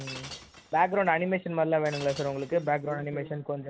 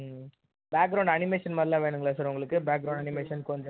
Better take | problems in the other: second | background sound (Shatter); 18 dB below the speech

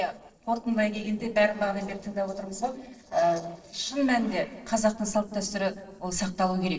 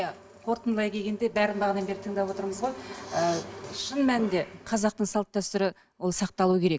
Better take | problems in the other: second | noise reduction (neural separator model SepFormer DNS4)

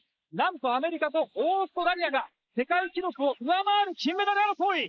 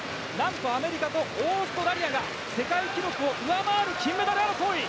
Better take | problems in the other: second | noise reduction (neural mask model Resemble Enhance denoiser)

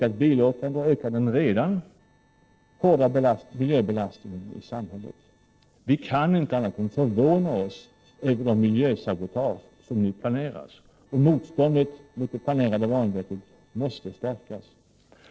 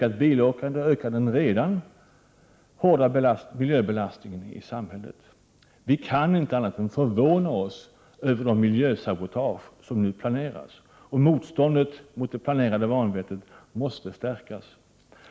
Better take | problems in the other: second | noise reduction (neural separator model SepFormer DNS4)

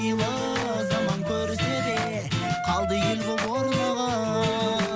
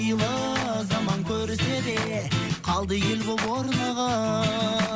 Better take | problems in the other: second | background sound (Wind instrument, woodwind instrument); 4 dB below the speech

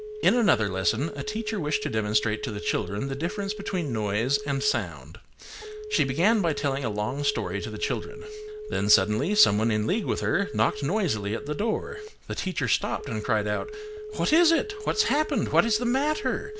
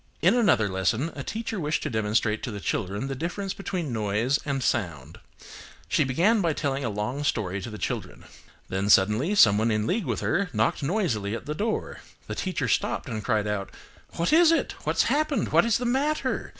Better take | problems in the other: second | background sound (Telephone); 11 dB below the speech

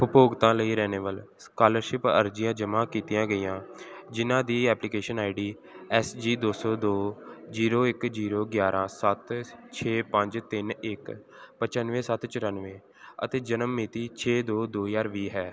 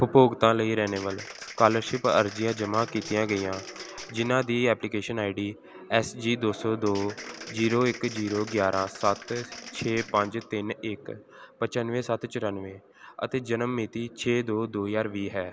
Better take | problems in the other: first | background sound (Applause); 15 dB below the speech

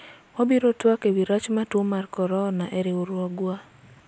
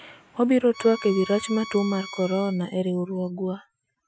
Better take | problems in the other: first | noise reduction (classical method Wiener filter)

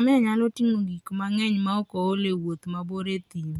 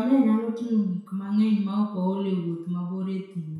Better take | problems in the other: first | room echo; dies away in 0.7 s

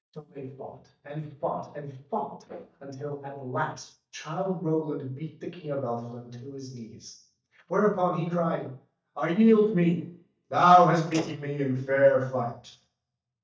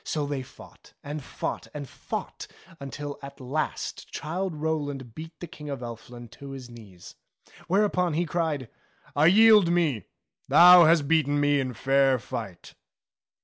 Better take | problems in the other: second | noise reduction (neural mask model DeepFilterNet 3)

